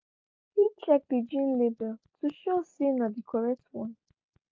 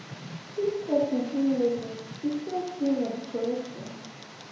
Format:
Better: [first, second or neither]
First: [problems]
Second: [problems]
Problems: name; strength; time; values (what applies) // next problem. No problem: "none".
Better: first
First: none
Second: background sound (Tick); 14 dB below the speech // room echo; dies away in 1 s